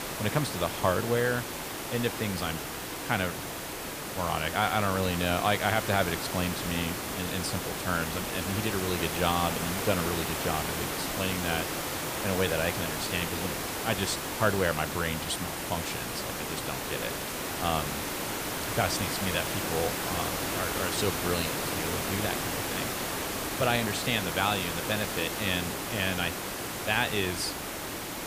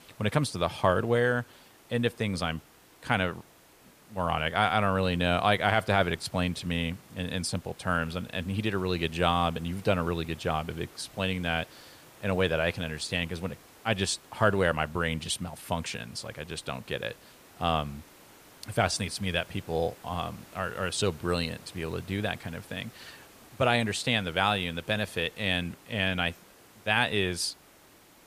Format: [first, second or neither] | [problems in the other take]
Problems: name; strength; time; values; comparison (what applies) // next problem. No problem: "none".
second | hiss; loud; throughout; 1 dB below the speech; faint in the second